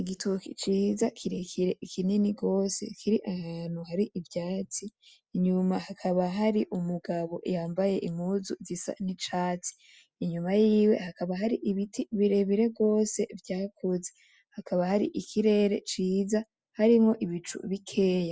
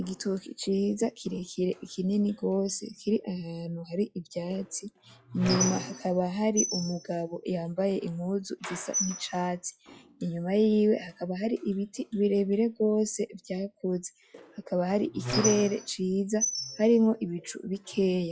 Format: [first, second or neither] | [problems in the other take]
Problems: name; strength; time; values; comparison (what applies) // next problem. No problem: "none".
first | noise reduction (classical method log-MMSE)